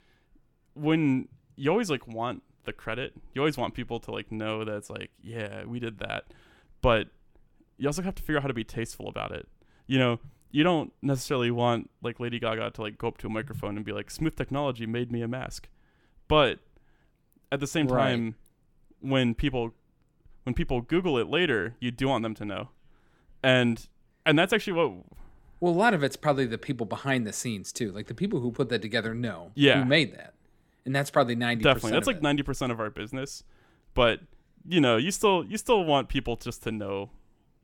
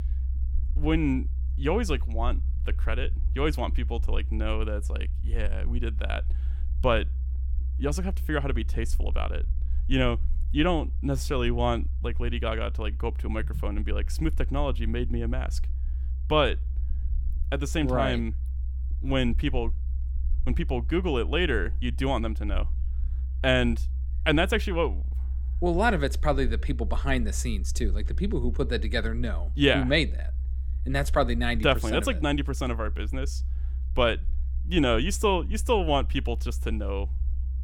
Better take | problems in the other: first | low rumble; faint; throughout; 20 dB below the speech

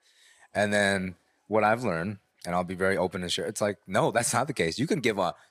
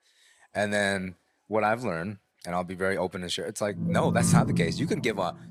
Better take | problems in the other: first | alarms or sirens; very loud; from 4 s on; 1 dB above the speech

